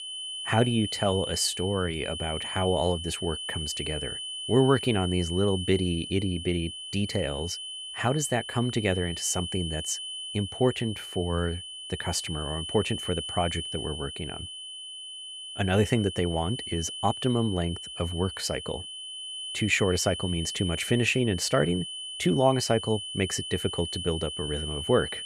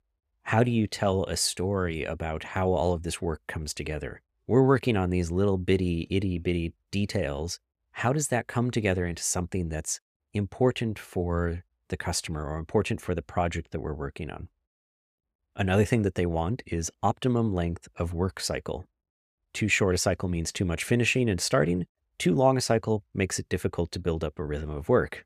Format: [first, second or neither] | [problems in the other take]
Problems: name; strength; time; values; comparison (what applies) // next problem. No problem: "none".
second | high-pitched whine; loud; throughout; 3 kHz, 7 dB below the speech